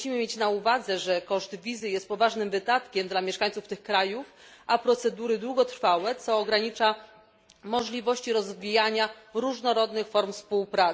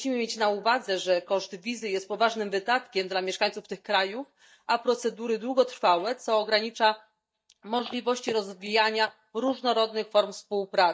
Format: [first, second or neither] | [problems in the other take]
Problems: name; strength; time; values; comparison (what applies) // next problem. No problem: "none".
first | noise reduction (neural mask model DeepFilterNet 3)